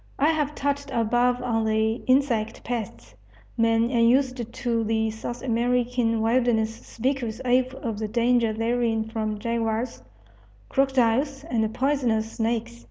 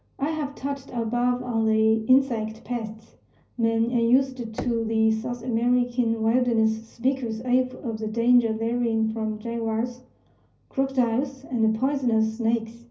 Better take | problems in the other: first | background sound (Knock / Wood); 18 dB below the speech // room echo; dies away in 0.5 s

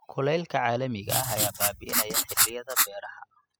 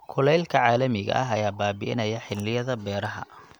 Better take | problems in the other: second | noise reduction (classical method spectral subtraction)

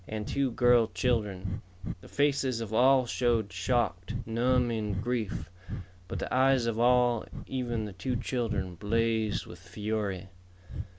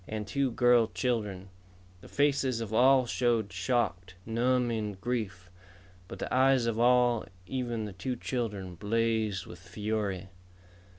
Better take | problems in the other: second | background sound (Breathing); 7 dB below the speech

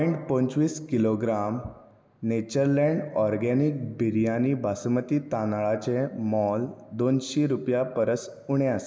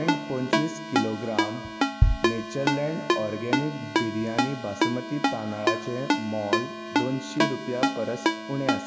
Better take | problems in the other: first | background sound (Ringtone + Bass drum); 4 dB above the speech

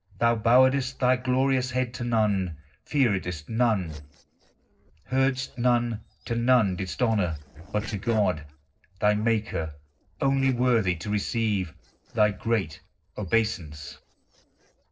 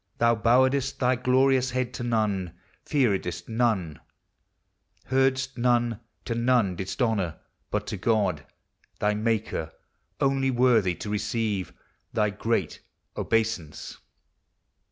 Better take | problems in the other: second | noise reduction (neural separator model SepFormer DNS4)

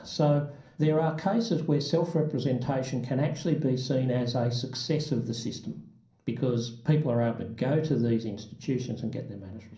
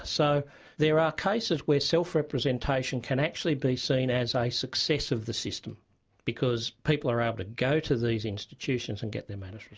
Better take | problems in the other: second | room echo; dies away in 0.6 s

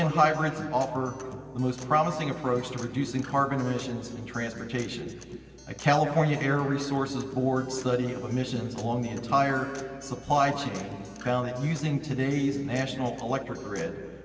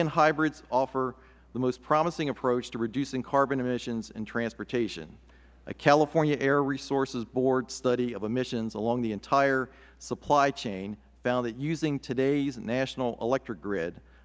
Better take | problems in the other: second | background sound (Acoustic guitar); 18 dB below the speech // room echo; dies away in 2.4 s

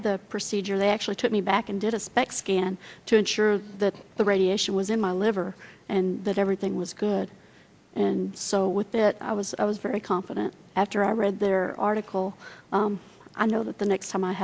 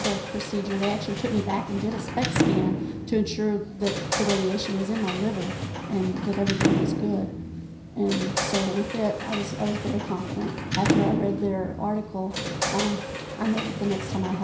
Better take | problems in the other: first | background sound (Sliding door / Slam); 1 dB below the speech // room echo; dies away in 0.5 s

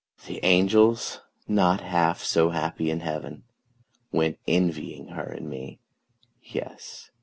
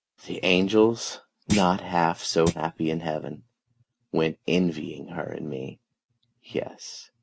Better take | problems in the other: first | noise reduction (neural mask model RNNoise)

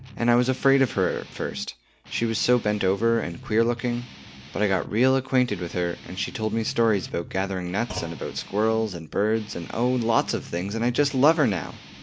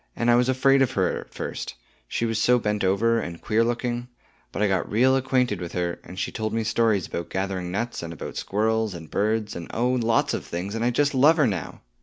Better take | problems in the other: second | background sound (Guitar + Thump, thud); 18 dB below the speech

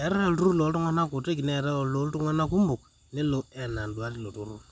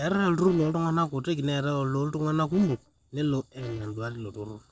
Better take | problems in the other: first | noise reduction (neural separator model SepFormer DNS4)

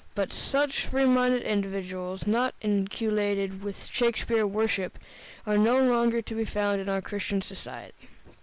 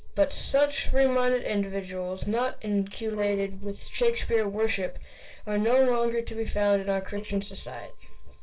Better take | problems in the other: first | noise reduction (neural separator model SepFormer DNS4)

